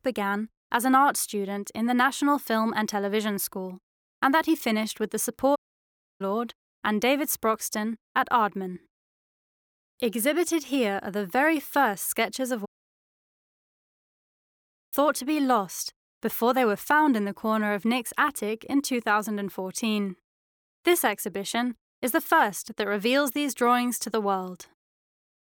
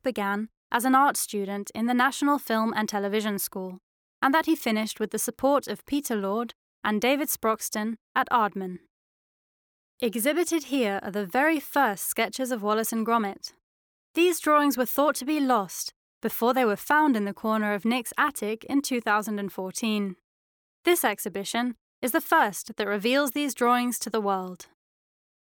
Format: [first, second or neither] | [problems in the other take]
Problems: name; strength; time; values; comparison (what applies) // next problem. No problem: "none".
second | audio cutting out; at 5.5 s for 0.5 s and at 13 s for 2.5 s